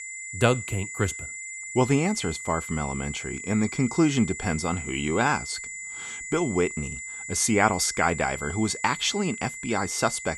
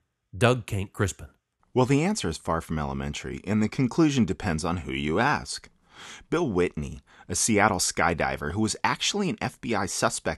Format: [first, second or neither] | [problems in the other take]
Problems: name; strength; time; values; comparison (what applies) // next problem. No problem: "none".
second | high-pitched whine; loud; throughout; 2 kHz, 9 dB below the speech